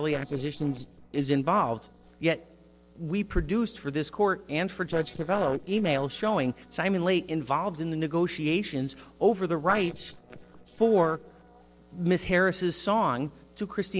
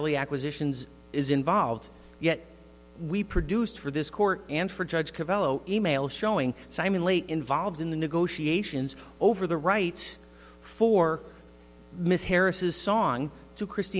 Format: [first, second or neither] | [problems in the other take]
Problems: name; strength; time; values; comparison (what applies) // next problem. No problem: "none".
second | noise reduction (neural separator model SepFormer DNS4)